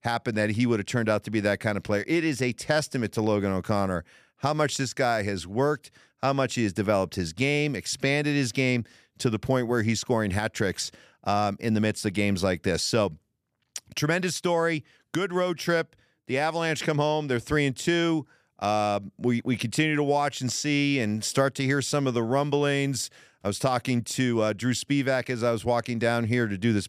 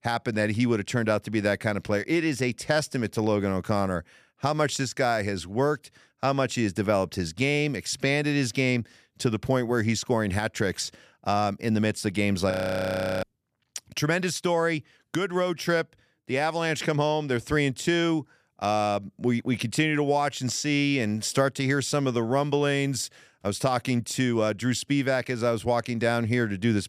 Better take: first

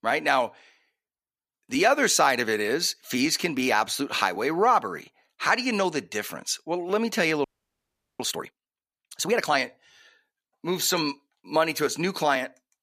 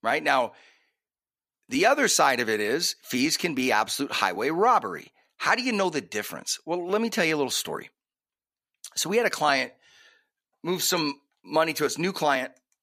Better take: second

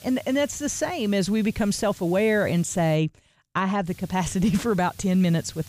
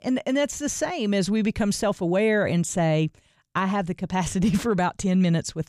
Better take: second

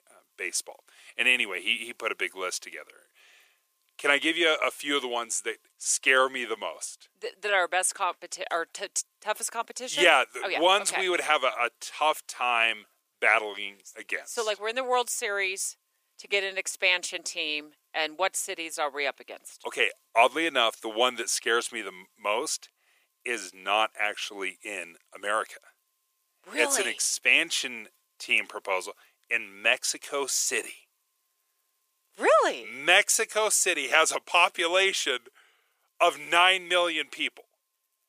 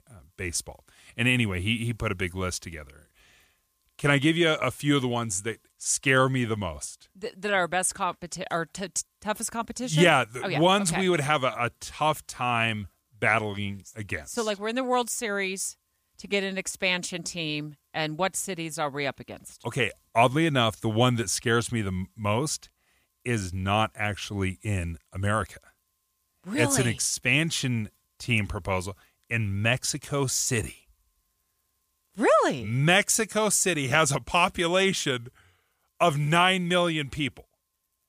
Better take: second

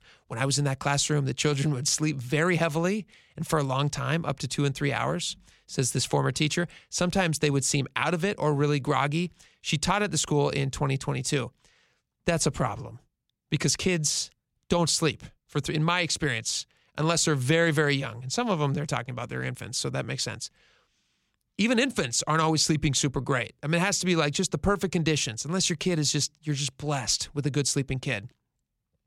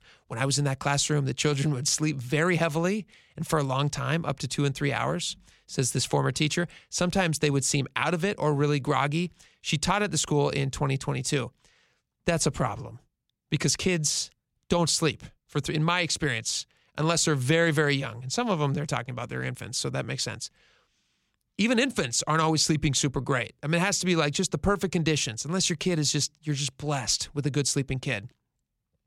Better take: neither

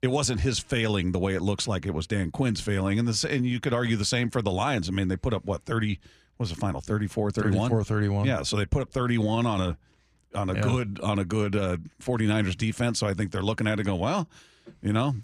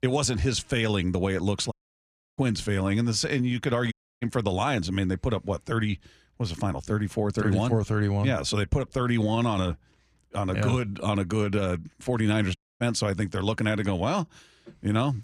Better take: first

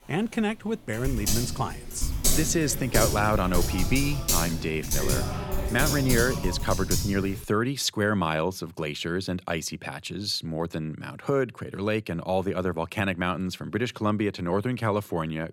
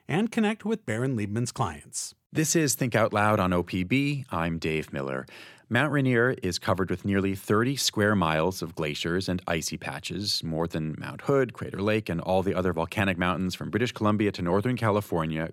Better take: second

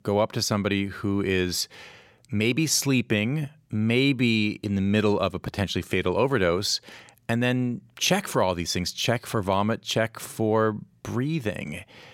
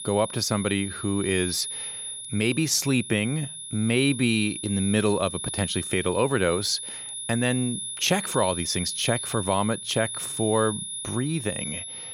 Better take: first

